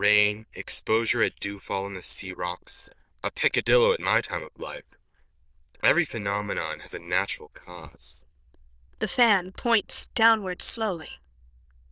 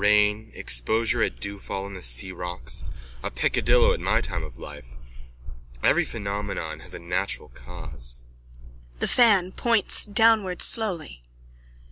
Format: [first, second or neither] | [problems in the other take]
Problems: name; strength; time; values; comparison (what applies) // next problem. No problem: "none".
second | noise reduction (neural diffusion model UNIVERSE++)